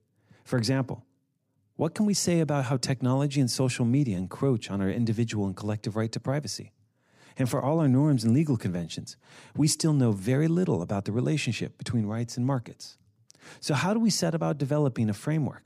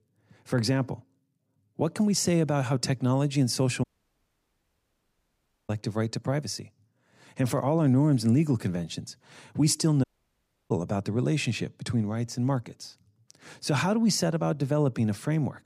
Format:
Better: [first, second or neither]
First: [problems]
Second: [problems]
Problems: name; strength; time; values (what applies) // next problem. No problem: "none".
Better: first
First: none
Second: audio cutting out; at 4 s for 2 s and at 10 s for 0.5 s